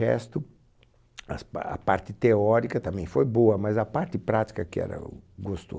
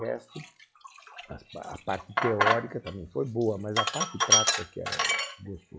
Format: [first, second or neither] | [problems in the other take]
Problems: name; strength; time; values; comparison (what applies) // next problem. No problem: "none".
first | noise reduction (classical method log-MMSE)